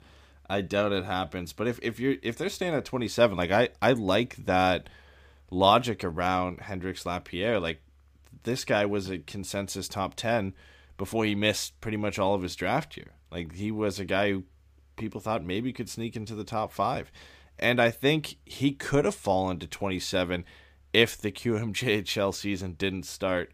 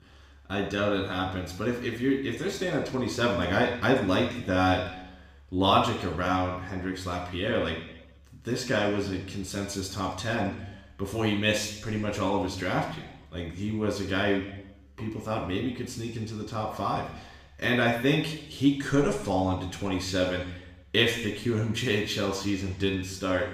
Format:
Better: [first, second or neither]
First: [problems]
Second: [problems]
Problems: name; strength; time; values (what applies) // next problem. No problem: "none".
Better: first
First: none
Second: room echo; noticeable; dies away in 0.8 s // off-mic speech; somewhat distant